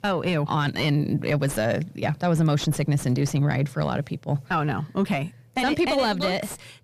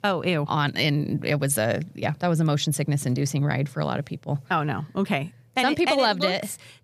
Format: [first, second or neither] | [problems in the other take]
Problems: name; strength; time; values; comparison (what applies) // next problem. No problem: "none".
second | distortion; slight; 9 dB below the speech